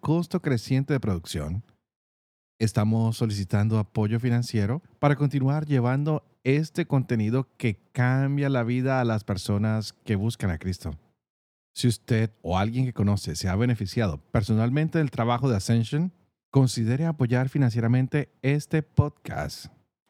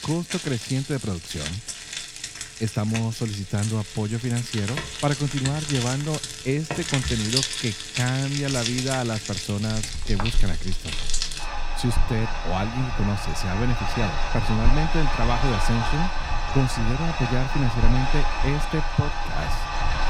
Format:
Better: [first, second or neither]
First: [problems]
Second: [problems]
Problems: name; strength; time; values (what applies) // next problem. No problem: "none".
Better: first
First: none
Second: household noises; loud; throughout; 2 dB below the speech